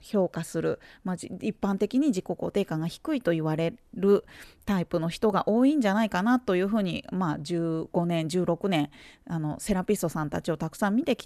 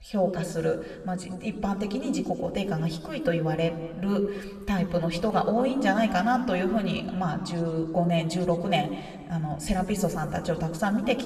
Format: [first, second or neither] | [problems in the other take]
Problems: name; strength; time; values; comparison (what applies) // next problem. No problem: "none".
first | room echo; slight; dies away in 1.6 s